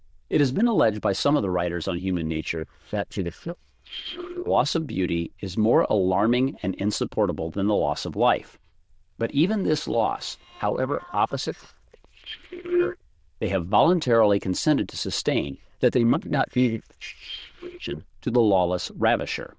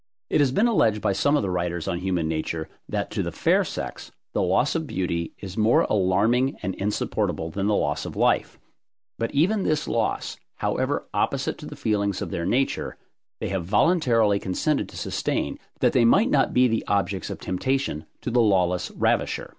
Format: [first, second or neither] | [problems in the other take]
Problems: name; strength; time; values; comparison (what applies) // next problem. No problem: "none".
second | noise reduction (neural diffusion model UNIVERSE++)